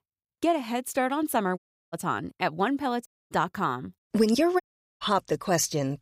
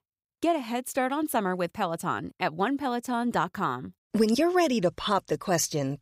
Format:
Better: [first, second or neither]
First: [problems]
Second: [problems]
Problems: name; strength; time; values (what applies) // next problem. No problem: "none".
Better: second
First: audio cutting out; at 1.5 s, at 3 s and at 4.5 s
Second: none